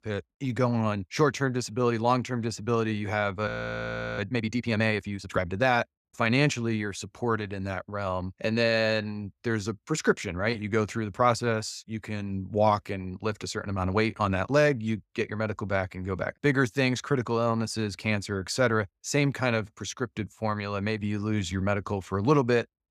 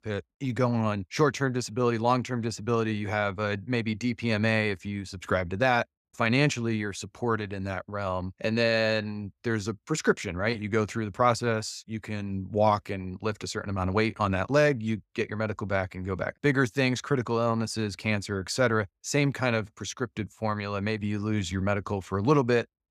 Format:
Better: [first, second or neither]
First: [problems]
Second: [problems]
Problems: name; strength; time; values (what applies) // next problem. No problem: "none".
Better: second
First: audio freezing; at 3.5 s for 0.5 s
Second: none